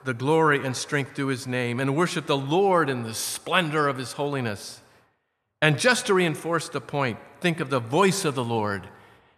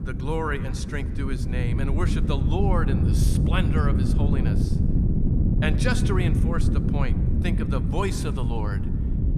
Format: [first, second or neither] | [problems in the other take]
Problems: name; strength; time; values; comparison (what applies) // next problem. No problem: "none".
first | wind noise on the microphone; heavy; 3 dB below the speech